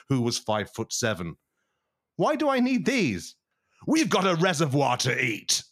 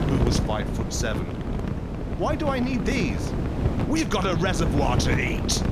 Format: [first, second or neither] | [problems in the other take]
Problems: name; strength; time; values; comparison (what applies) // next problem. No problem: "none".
first | wind noise on the microphone; heavy; 6 dB below the speech